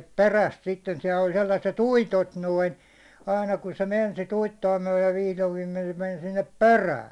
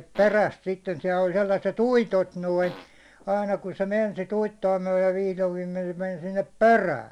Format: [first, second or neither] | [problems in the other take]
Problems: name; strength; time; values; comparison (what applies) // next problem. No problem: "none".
first | background sound (Fart); 18 dB below the speech